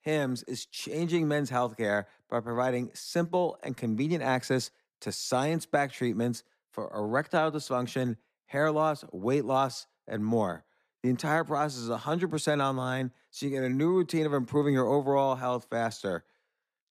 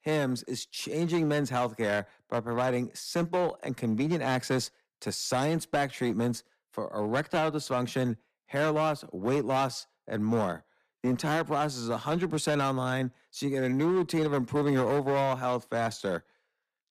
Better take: first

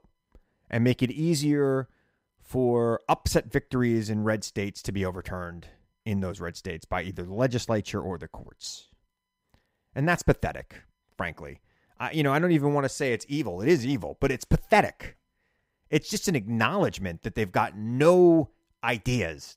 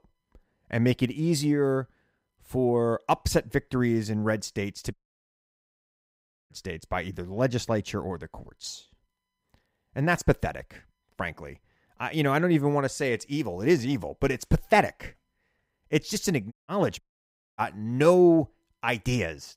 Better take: first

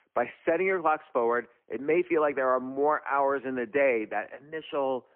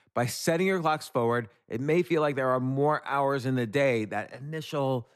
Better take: second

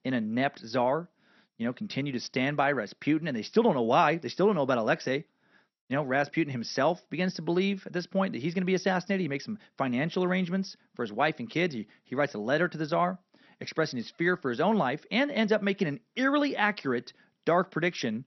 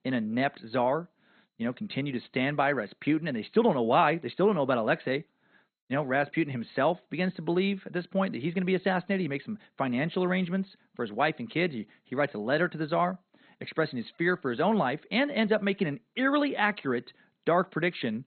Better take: first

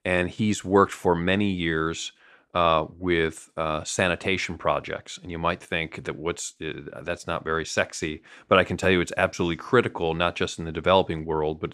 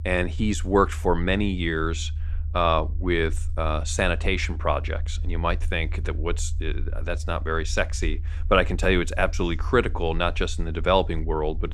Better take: first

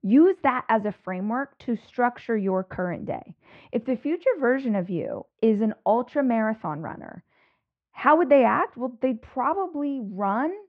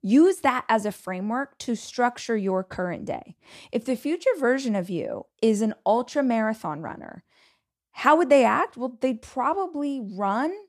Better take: second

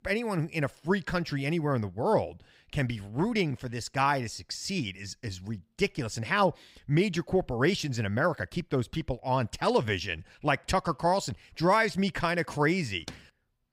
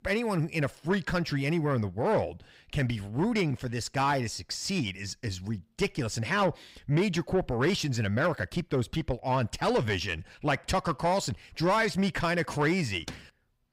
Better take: first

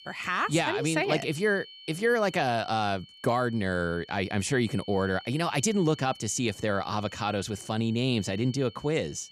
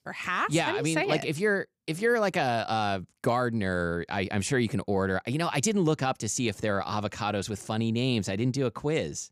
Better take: second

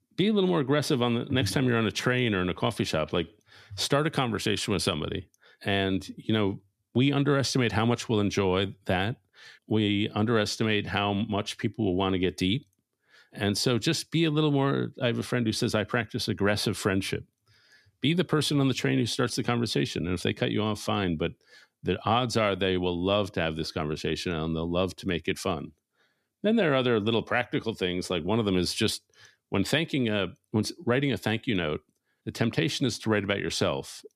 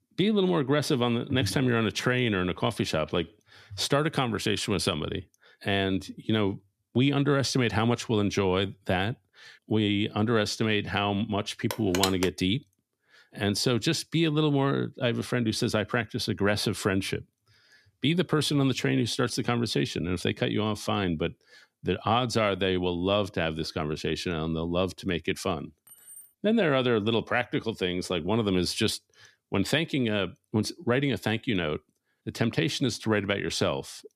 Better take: first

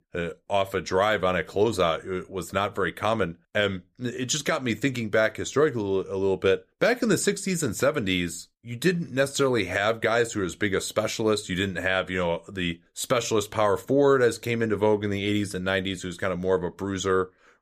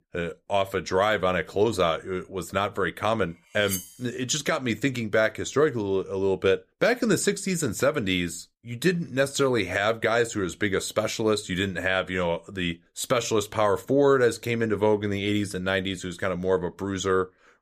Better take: first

